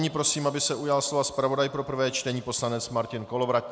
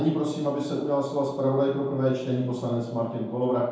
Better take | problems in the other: first | room echo; dies away in 0.8 s

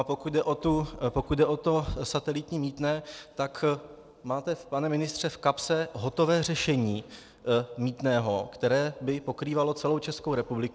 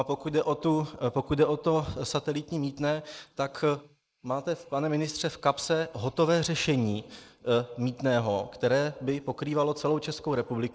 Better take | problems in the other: first | noise reduction (neural mask model Resemble Enhance denoiser)

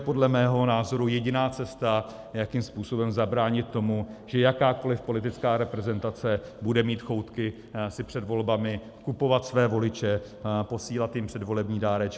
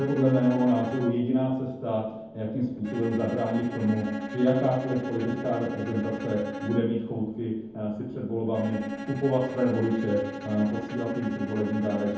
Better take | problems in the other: first | background sound (Bowed string instrument); 11 dB below the speech // room echo; dies away in 0.9 s

